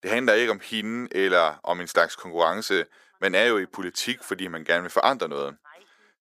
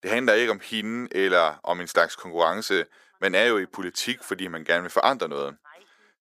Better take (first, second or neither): neither